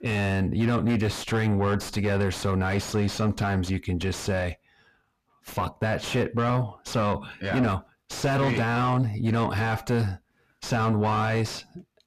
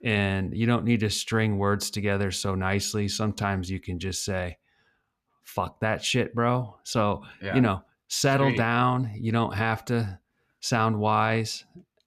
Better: second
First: distortion; heavy; 6 dB below the speech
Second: none

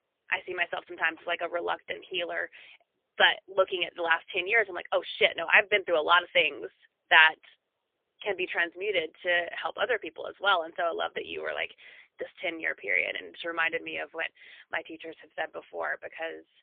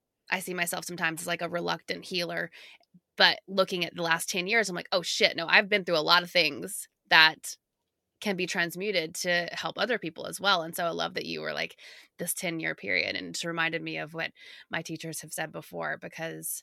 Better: second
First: phone-call audio; poor line; nothing above 3.5 kHz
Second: none

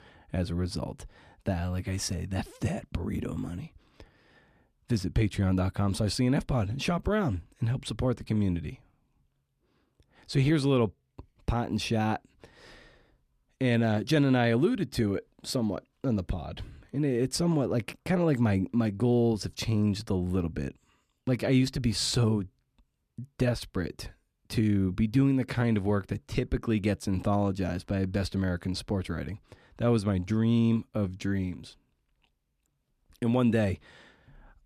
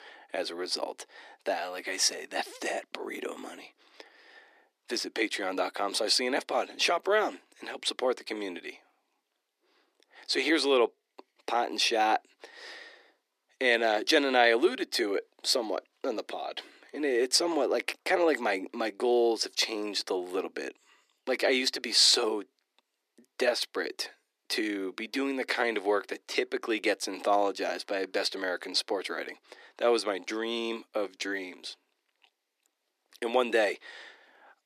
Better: first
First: none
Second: thin; very; fading below 350 Hz

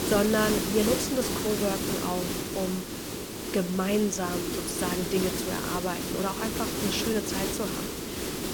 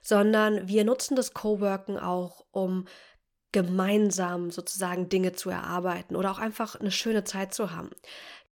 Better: second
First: hiss; loud; throughout; 1 dB below the speech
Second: none

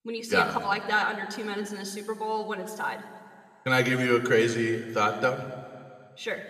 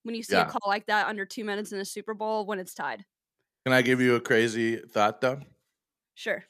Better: second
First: room echo; slight; dies away in 1.7 s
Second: none

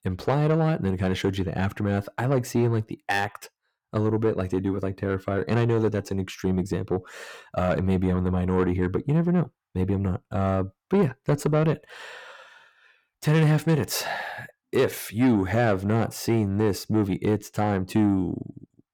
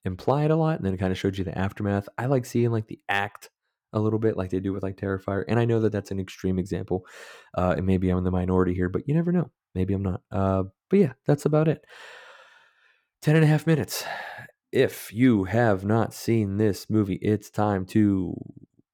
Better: second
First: distortion; slight; 10 dB below the speech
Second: none

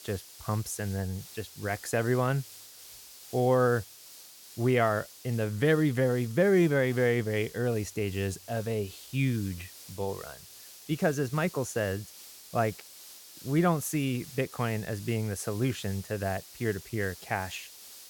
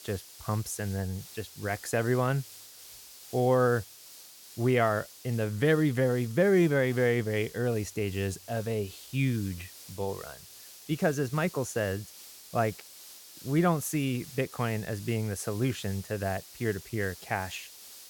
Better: neither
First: hiss; noticeable; throughout; 15 dB below the speech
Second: hiss; noticeable; throughout; 15 dB below the speech

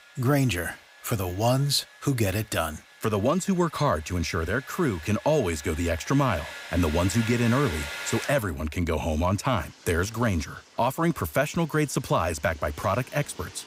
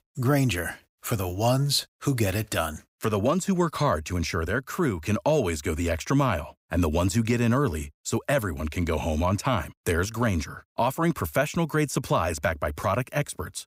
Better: second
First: household noises; noticeable; throughout; 15 dB below the speech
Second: none

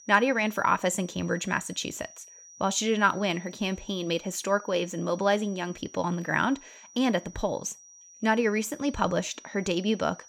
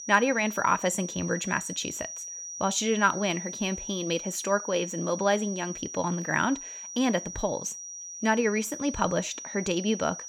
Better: first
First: high-pitched whine; faint; throughout; 6 kHz, 20 dB below the speech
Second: high-pitched whine; loud; throughout; 6 kHz, 9 dB below the speech

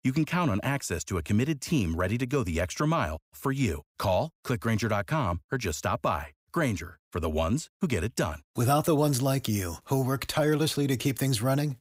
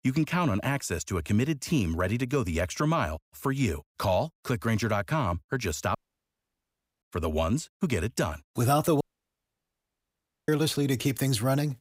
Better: first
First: none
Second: audio cutting out; at 6 s for 1 s and at 9 s for 1.5 s

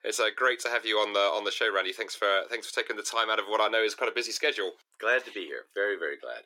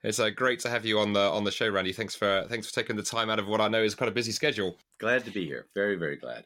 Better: second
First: thin; very; fading below 350 Hz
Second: none

